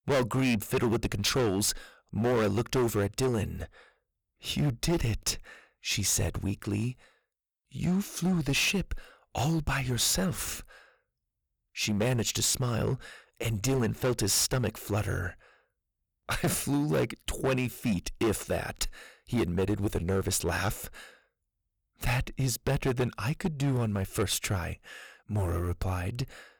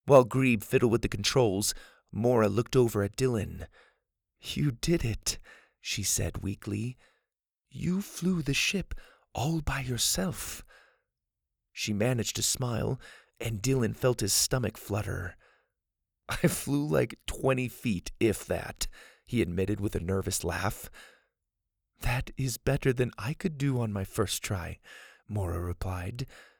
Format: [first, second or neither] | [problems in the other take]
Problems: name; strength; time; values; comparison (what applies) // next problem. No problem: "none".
second | distortion; heavy; 9% of the sound clipped